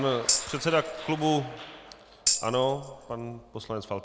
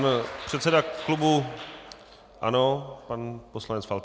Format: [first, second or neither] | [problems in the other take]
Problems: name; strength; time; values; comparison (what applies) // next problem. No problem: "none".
second | background sound (Tambourine); 3 dB below the speech